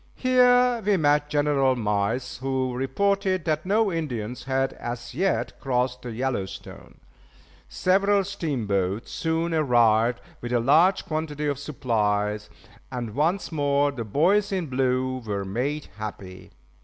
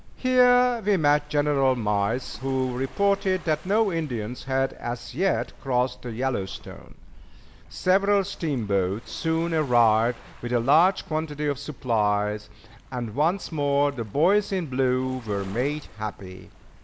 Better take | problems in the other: first | background sound (Waves, surf); 20 dB below the speech

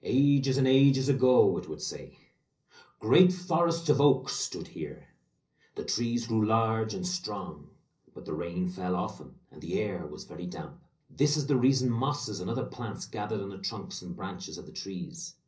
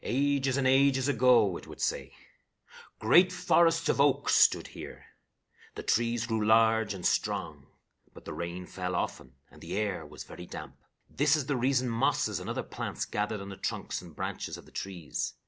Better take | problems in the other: second | room echo; dies away in 0.5 s

